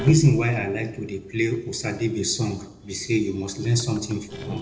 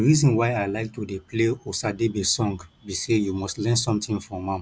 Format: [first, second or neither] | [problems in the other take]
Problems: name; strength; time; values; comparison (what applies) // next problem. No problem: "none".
second | noise reduction (neural separator model SepFormer DNS4)